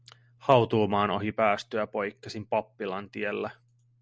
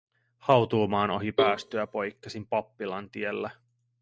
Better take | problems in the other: first | noise reduction (neural mask model DeepFilterNet 3)

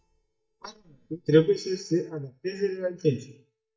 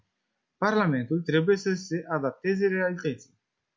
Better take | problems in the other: second | noise reduction (neural mask model DeepFilterNet 3)

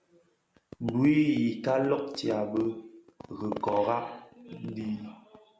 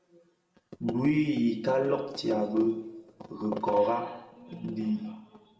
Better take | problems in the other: first | room echo; dies away in 1.3 s

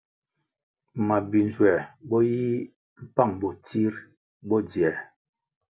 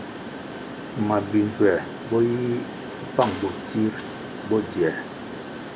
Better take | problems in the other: first | background sound (Mechanisms); 9 dB below the speech

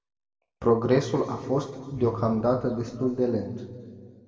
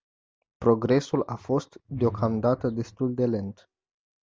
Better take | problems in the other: second | room echo; dies away in 1.9 s

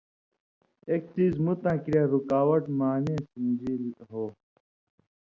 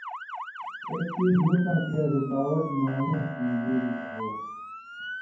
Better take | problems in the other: first | background sound (Motor vehicle (road) / Siren); 10 dB below the speech // room echo; dies away in 0.9 s

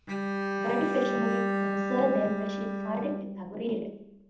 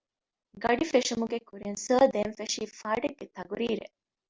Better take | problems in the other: second | background sound (Bowed string instrument); as loud as the speech // room echo; dies away in 0.8 s

